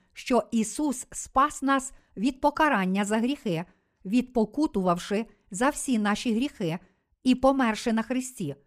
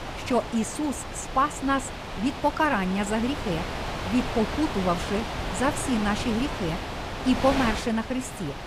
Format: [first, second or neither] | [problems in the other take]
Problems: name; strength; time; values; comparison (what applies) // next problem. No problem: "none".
first | wind noise on the microphone; heavy; 5 dB below the speech